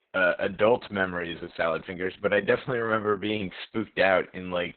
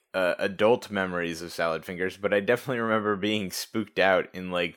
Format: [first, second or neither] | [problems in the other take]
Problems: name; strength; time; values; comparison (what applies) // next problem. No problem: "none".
second | garbled, watery; badly; nothing above 4 kHz